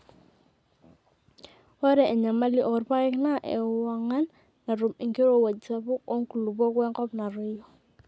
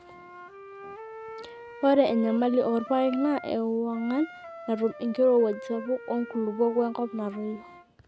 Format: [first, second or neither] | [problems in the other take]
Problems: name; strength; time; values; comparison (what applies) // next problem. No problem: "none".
first | background sound (Wind instrument, woodwind instrument); 15 dB below the speech